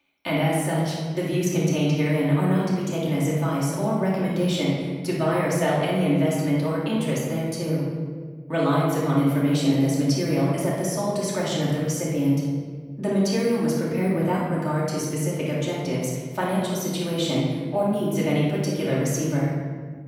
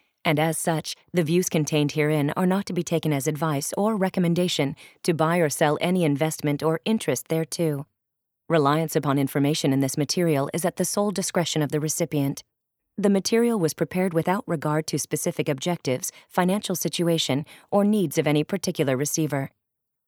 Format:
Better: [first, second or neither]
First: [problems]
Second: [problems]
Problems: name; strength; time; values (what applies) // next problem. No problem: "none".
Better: second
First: off-mic speech; far // room echo; strong; dies away in 1.9 s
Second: none